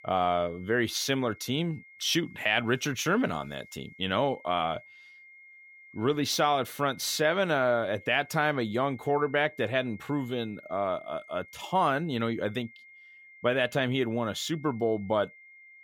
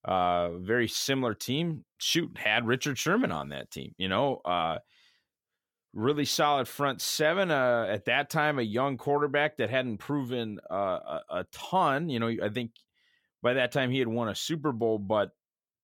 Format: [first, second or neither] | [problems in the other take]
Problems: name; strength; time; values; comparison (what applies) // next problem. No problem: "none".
second | high-pitched whine; faint; throughout; 2 kHz, 20 dB below the speech